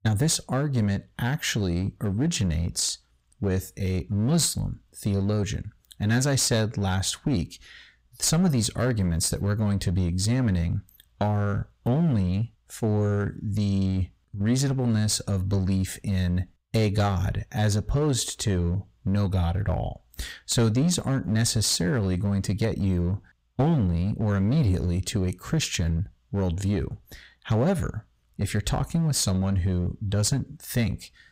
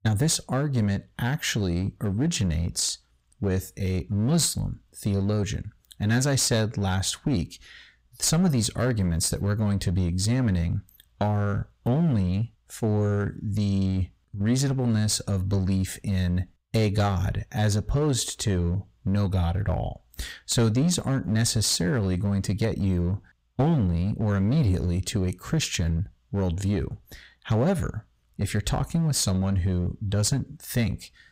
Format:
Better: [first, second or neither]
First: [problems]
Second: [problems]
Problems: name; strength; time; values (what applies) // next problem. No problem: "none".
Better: neither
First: distortion; slight; 8% of the sound clipped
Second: distortion; slight; 8% of the sound clipped